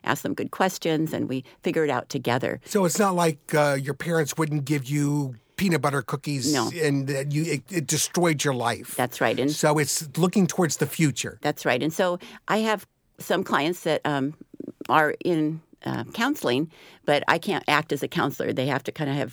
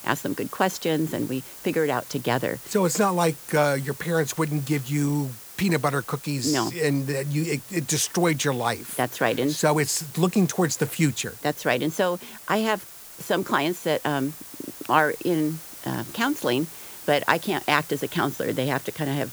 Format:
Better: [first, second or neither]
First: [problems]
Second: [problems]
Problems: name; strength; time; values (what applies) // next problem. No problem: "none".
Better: first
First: none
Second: hiss; noticeable; throughout; 15 dB below the speech